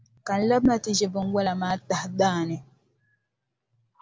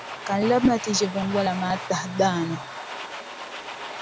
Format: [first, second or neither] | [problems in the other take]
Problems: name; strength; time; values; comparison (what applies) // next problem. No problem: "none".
first | background sound (Domestic sounds, home sounds); 10 dB below the speech